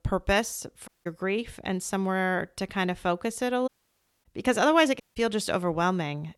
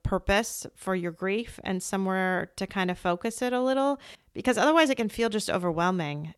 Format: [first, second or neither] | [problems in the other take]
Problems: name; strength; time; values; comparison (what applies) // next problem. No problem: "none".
second | audio cutting out; at 1 s, at 3.5 s for 0.5 s and at 5 s